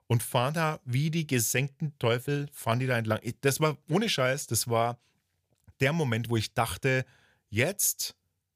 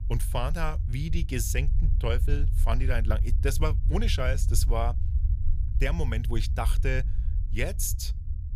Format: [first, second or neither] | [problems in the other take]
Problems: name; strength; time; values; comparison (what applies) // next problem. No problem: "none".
first | low rumble; noticeable; throughout; 15 dB below the speech